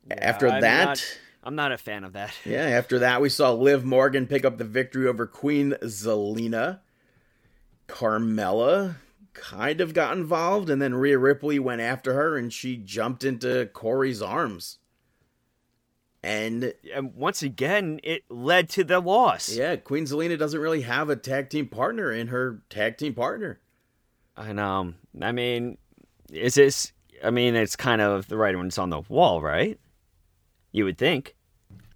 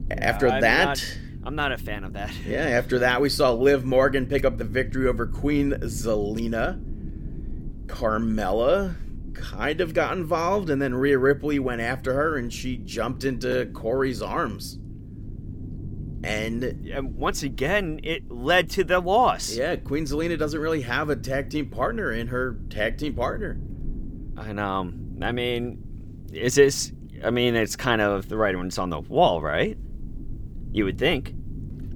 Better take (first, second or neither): first